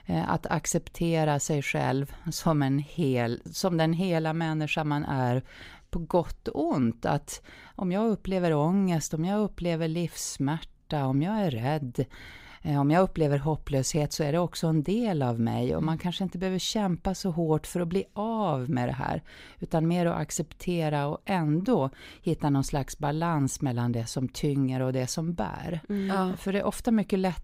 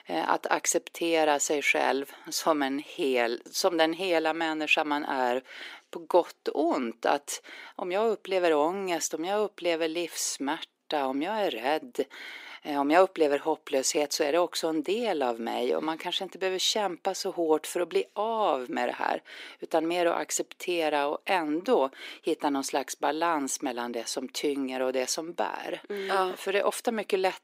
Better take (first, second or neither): first